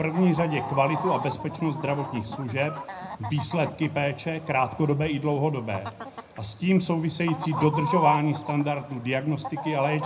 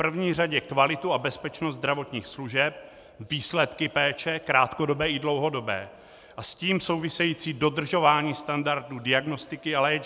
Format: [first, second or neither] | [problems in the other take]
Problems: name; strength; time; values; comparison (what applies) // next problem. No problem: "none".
second | background sound (Chicken, rooster); 9 dB below the speech // room echo; dies away in 0.4 s